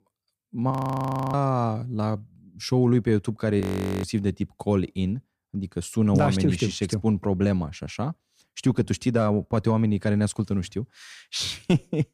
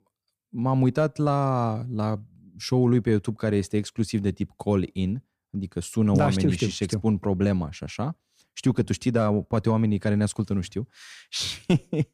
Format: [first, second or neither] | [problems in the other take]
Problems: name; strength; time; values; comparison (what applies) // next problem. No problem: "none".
second | audio freezing; at 0.5 s for 0.5 s and at 3.5 s